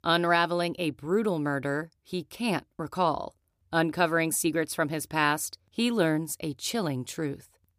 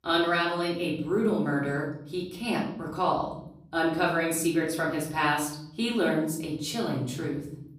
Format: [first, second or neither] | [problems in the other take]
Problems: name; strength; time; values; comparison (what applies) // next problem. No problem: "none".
first | off-mic speech; far // room echo; noticeable; dies away in 0.9 s